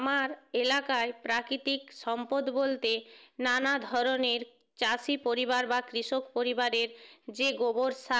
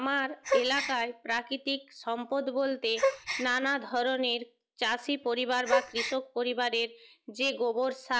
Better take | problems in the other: first | noise reduction (classical method log-MMSE)

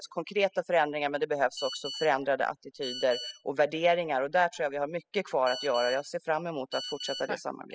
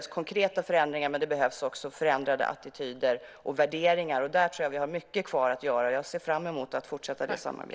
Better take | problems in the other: second | noise reduction (classical method spectral subtraction)

